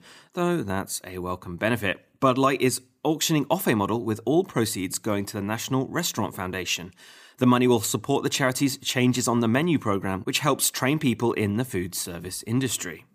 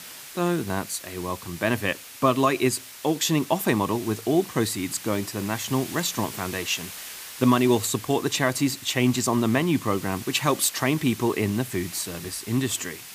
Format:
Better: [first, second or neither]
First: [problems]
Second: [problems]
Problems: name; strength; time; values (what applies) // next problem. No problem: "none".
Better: first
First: none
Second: hiss; noticeable; throughout; 15 dB below the speech